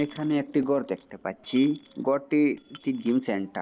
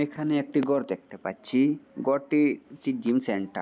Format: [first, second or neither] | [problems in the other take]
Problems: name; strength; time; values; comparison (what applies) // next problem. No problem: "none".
second | noise reduction (neural separator model SepFormer DNS4)